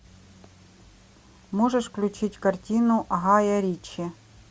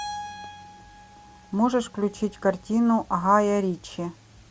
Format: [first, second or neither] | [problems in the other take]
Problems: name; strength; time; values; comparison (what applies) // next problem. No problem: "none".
first | background sound (Keyboard (musical)); 18 dB below the speech